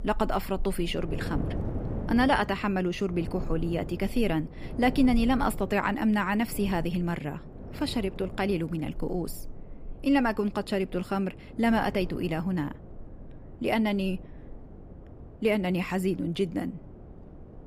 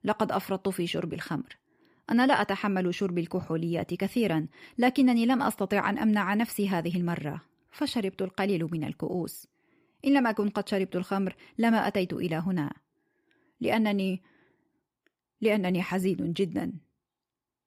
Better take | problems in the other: second | wind noise on the microphone; occasional gusts; 15 dB below the speech

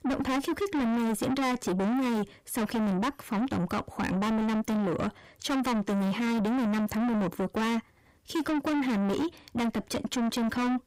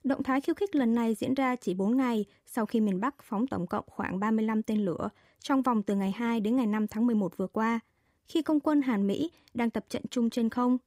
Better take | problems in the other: second | distortion; heavy; 6 dB below the speech

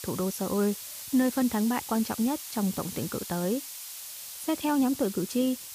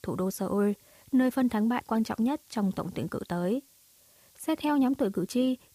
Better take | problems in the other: second | hiss; loud; throughout; 9 dB below the speech; faint in the second

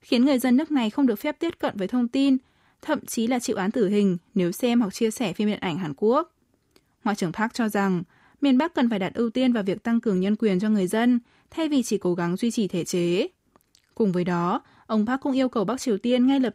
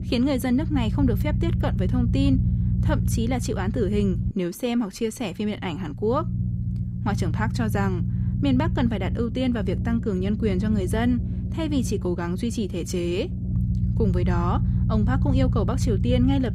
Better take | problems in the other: first | low rumble; loud; throughout; 9 dB below the speech

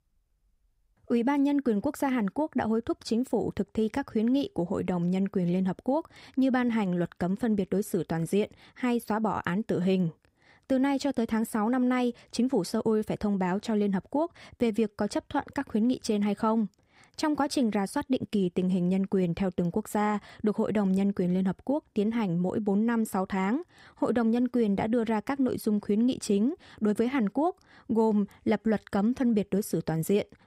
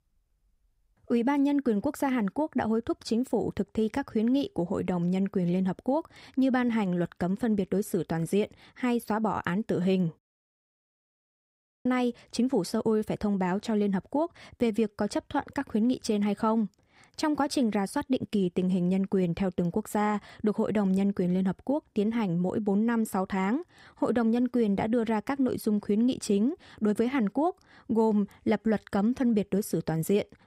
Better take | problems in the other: first | audio cutting out; at 10 s for 1.5 s

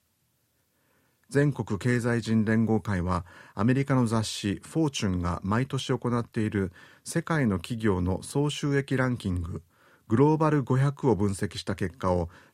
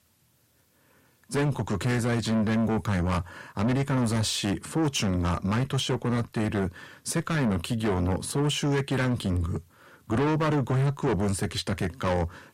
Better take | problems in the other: first | distortion; heavy; 6 dB below the speech

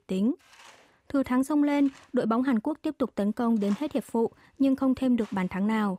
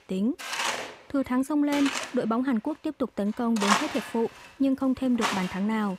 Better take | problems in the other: first | machinery noise; loud; throughout; 3 dB below the speech; faint in the first

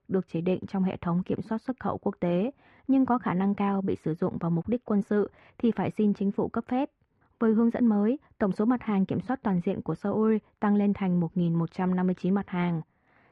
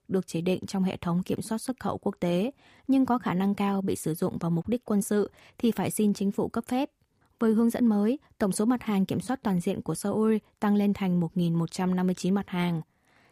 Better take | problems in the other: second | muffled; very; fading above 2 kHz

